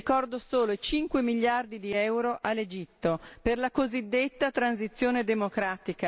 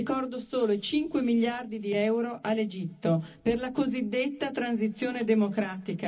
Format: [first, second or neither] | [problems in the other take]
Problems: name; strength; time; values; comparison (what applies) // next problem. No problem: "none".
first | room echo; dies away in 0.4 s